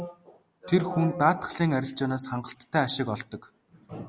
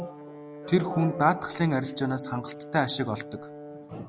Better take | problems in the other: first | background sound (Brass instrument); 14 dB below the speech

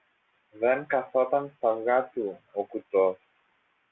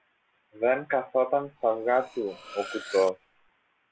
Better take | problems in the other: first | background sound (Cutlery, silverware); 16 dB below the speech

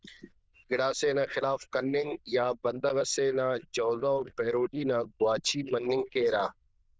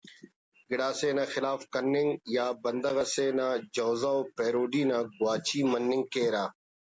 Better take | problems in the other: second | noise reduction (neural diffusion model UNIVERSE++)

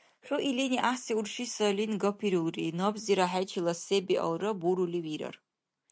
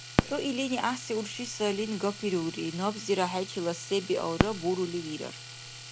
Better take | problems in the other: first | background sound (Domestic sounds, home sounds + Fireworks); 5 dB below the speech

